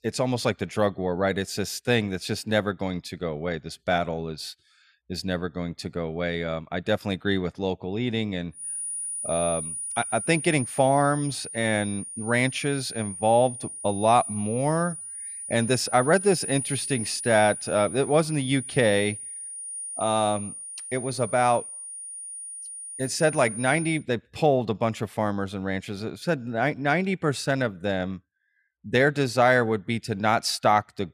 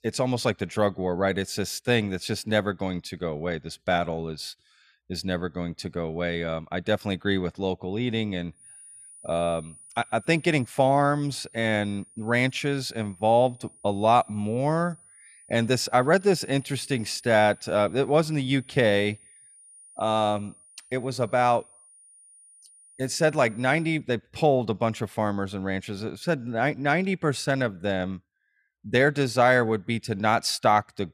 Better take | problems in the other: second | high-pitched whine; loud; from 8.5 to 24 s; 9.5 kHz, 8 dB below the speech; faint in the second

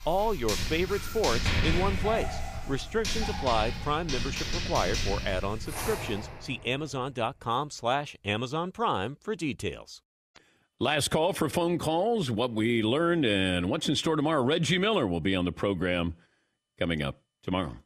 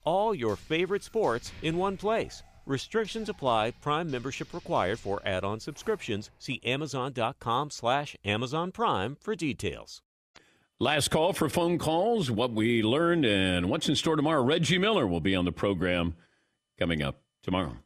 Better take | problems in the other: second | household noises; loud; until 6 s; 4 dB below the speech; faint in the second

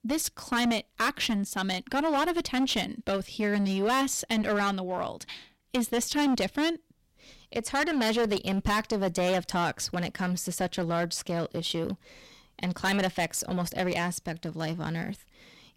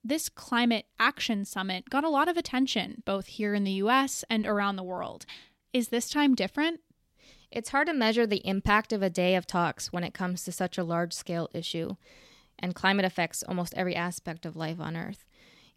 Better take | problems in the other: second | distortion; heavy; 12% of the sound clipped

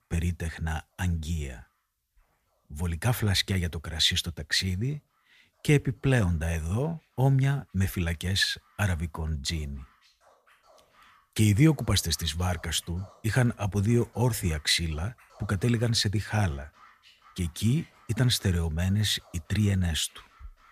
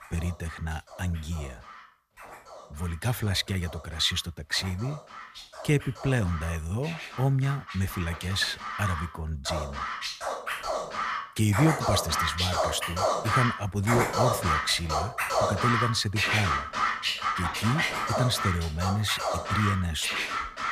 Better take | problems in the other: first | background music; loud; throughout; as loud as the speech; faint in the first

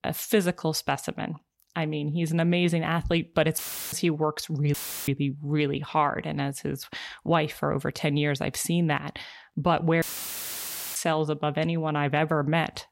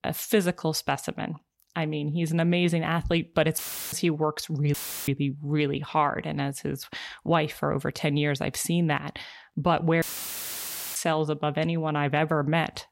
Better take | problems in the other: neither | audio cutting out; filled with static; at 3.5 s, at 4.5 s and at 10 s for 1 s; the same in both

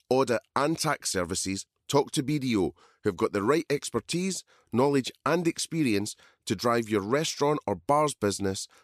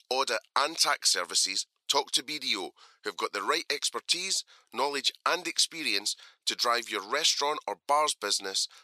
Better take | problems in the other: first | thin; very; fading below 750 Hz

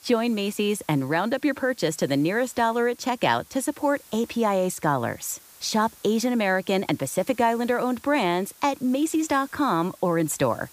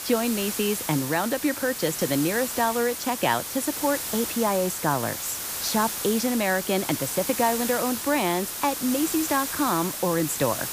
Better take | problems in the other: first | hiss; loud; throughout; 4 dB below the speech; faint in the first

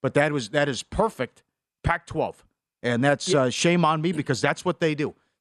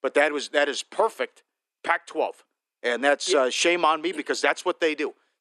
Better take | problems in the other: first | thin; somewhat; fading below 300 Hz

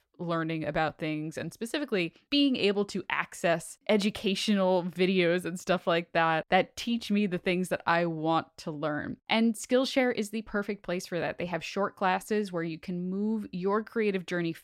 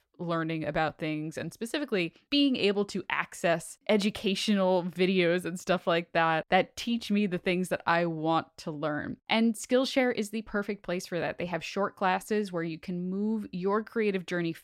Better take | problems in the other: neither | none

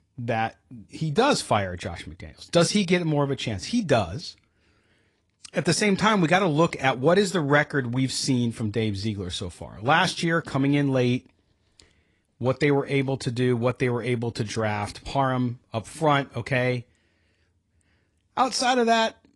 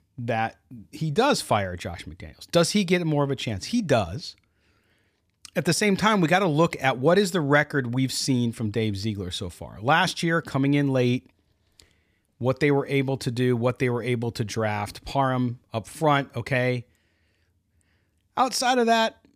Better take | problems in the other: second | garbled, watery; slightly; nothing above 10.5 kHz

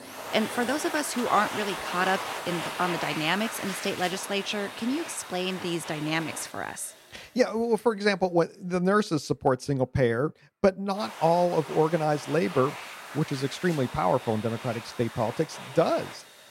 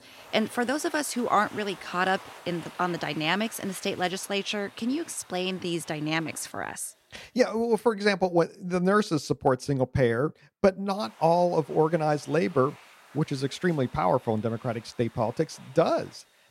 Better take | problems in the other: second | household noises; loud; throughout; 9 dB below the speech; faint in the second

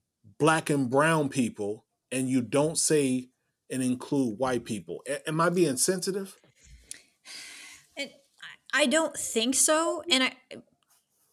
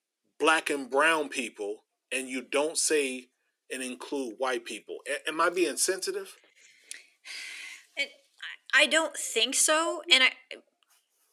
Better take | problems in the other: first | thin; somewhat; fading below 350 Hz

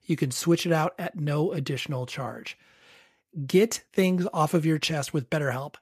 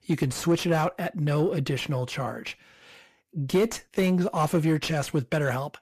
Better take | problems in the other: first | distortion; slight; 10 dB below the speech

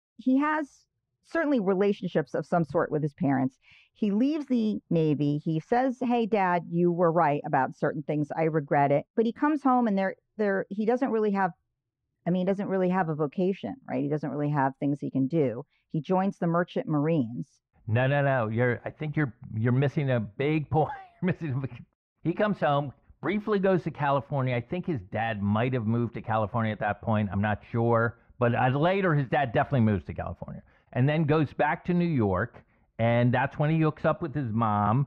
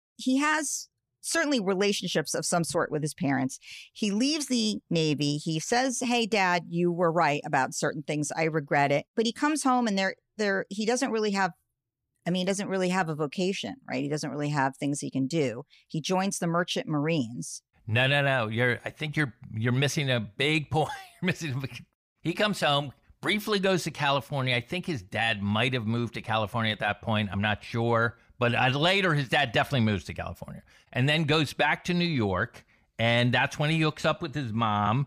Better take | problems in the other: second | muffled; very; fading above 4 kHz

